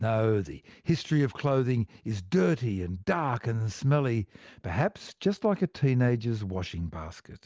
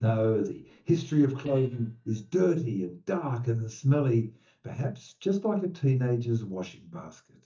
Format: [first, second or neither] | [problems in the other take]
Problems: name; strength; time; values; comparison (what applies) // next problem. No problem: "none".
first | noise reduction (neural mask model DeepFilterNet 3)